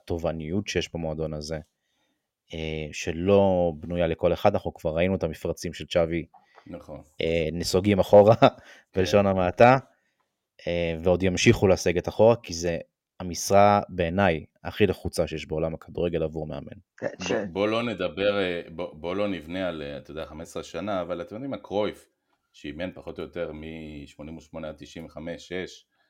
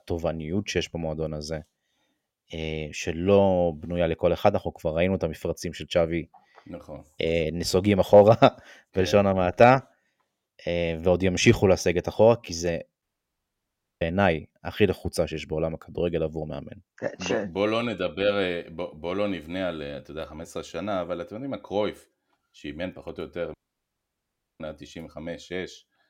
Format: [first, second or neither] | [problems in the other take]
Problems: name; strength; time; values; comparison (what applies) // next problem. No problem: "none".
first | audio cutting out; at 13 s for 1 s and at 24 s for 1 s